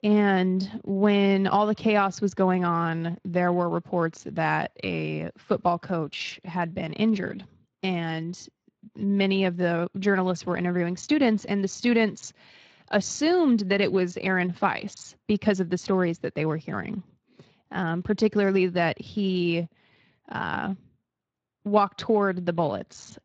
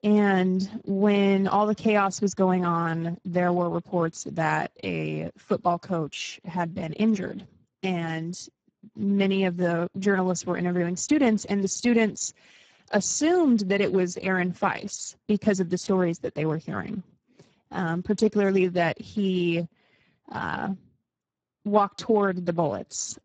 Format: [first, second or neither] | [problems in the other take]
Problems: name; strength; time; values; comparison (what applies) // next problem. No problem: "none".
first | garbled, watery; badly; nothing above 7.5 kHz; slightly in the first